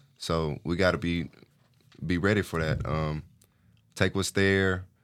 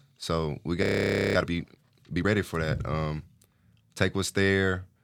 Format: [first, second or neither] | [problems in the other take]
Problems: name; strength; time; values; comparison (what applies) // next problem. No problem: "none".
first | audio freezing; at 1 s for 0.5 s